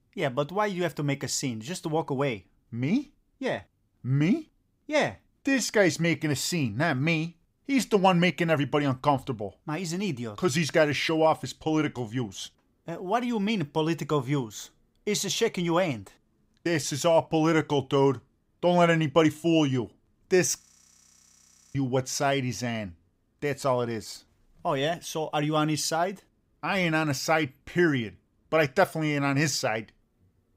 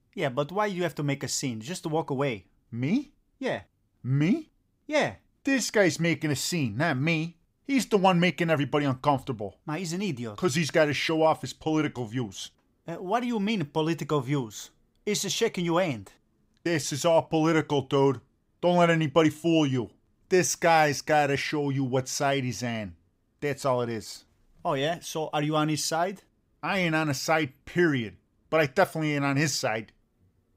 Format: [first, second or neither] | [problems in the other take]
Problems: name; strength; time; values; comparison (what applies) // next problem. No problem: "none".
second | audio freezing; at 21 s for 1 s